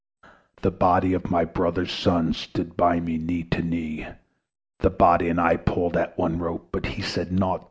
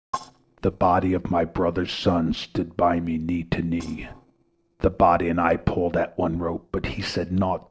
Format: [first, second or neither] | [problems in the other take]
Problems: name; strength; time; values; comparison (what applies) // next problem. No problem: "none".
first | noise reduction (neural separator model SepFormer DNS4)